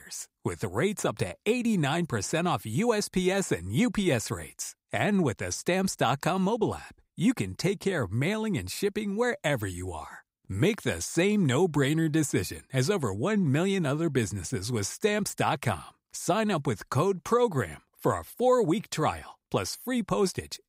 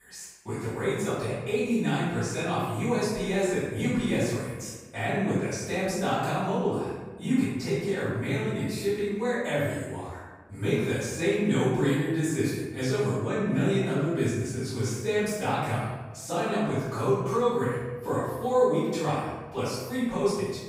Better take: first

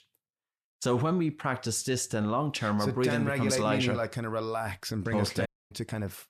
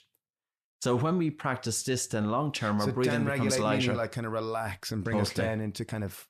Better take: second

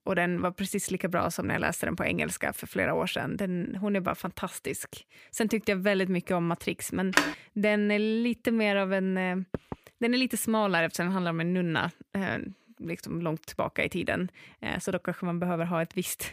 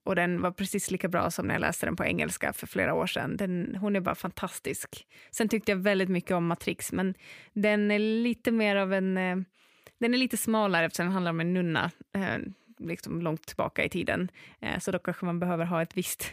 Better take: second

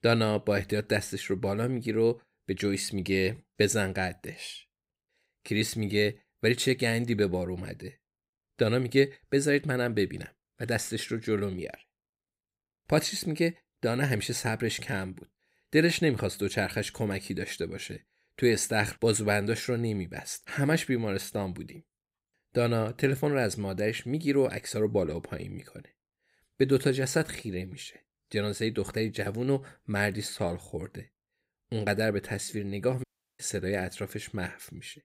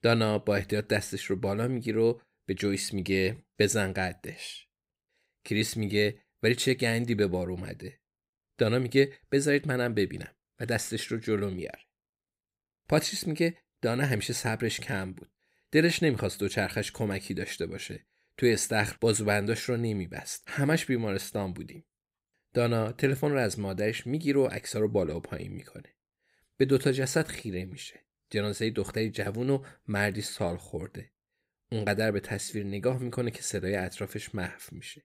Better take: second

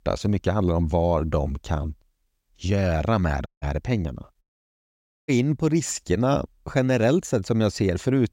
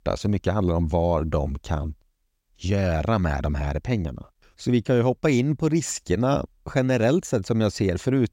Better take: second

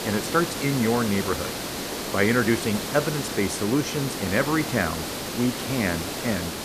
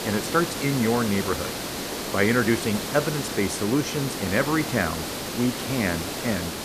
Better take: neither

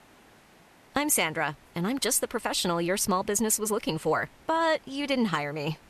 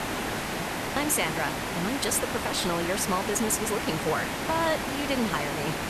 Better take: first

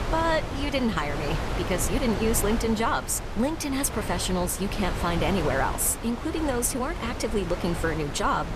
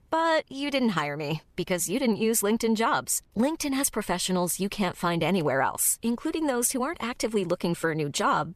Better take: second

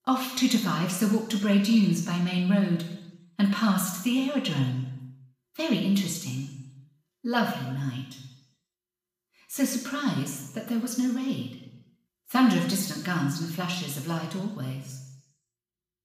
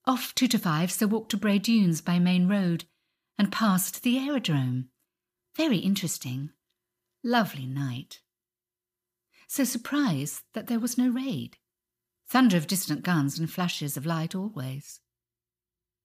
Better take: second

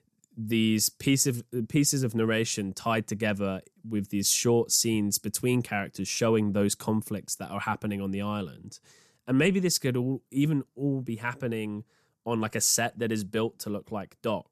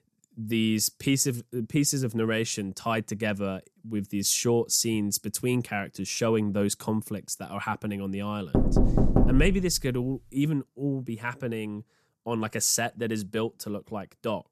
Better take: first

